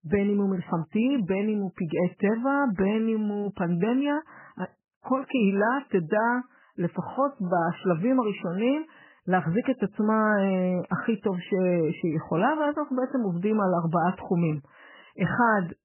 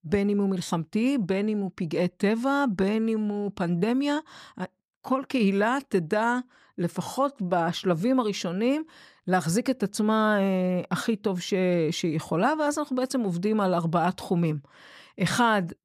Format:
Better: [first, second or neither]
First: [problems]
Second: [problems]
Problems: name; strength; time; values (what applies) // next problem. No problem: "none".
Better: second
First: garbled, watery; badly; nothing above 3 kHz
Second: none